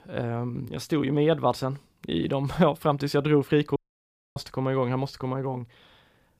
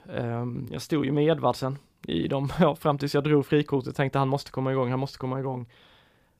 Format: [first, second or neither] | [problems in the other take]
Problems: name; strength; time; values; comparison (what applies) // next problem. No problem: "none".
second | audio cutting out; at 4 s for 0.5 s